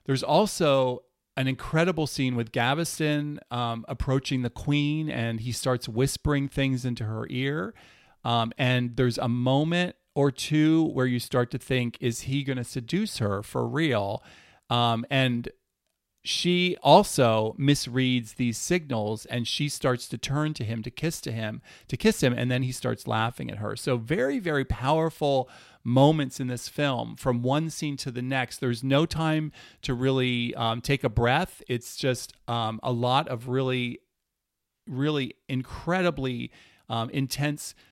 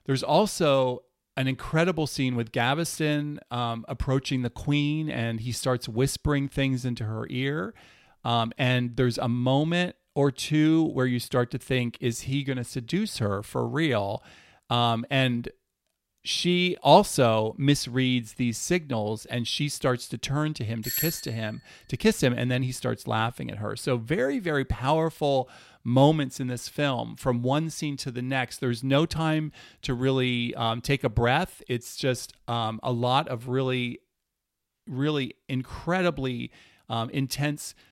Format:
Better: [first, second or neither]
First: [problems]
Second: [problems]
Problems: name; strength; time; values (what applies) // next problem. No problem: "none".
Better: first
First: none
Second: doorbell; noticeable; at 21 s; peak 2 dB below the speech